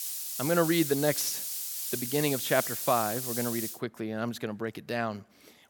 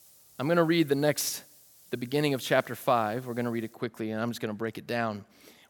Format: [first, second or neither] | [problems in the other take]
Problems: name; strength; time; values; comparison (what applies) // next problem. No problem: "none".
second | hiss; loud; until 3.5 s; 2 dB below the speech; faint in the second